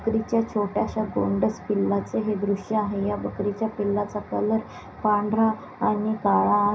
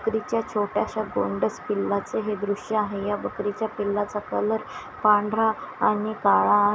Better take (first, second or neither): second